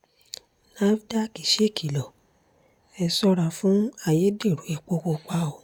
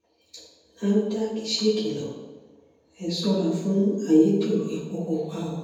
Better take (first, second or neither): first